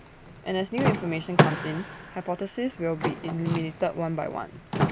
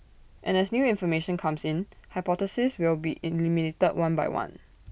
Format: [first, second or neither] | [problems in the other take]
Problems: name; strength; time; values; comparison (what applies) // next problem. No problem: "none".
second | background sound (Door / Car); 1 dB above the speech